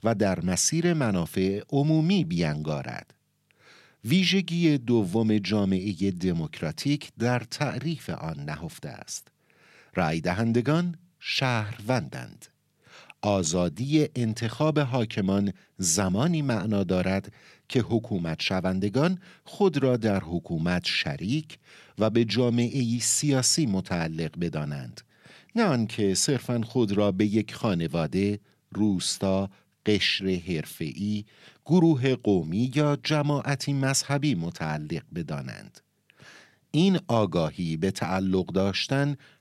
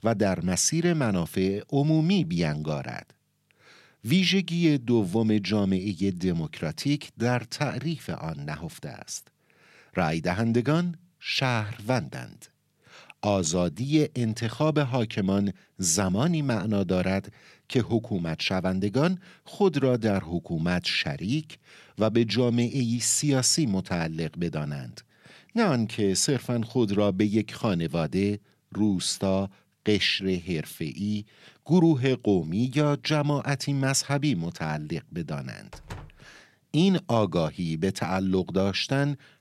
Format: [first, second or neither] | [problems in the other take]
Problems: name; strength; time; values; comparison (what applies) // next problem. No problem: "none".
first | door banging; faint; at 36 s; peak 15 dB below the speech